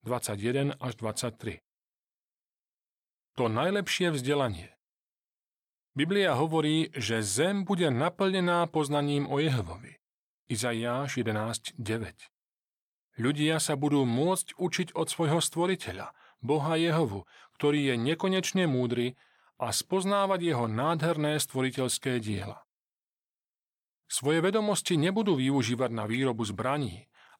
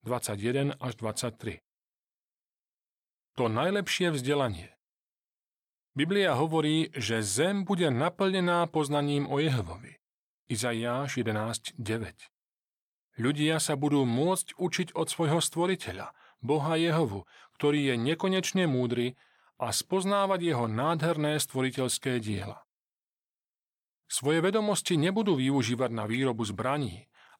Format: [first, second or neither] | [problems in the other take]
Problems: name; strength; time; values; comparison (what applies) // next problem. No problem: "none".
neither | none